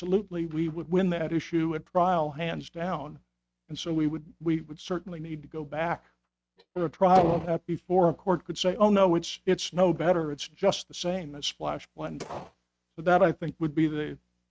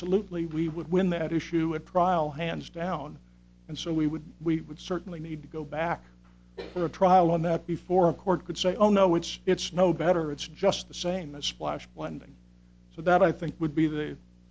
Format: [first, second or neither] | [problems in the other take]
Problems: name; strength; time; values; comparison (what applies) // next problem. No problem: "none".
second | noise reduction (neural mask model RNNoise)